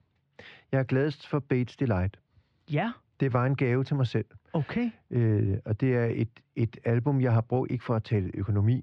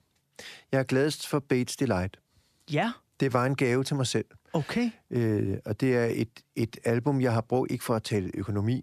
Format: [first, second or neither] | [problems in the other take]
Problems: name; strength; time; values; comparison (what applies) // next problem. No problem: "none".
second | muffled; slightly; fading above 3 kHz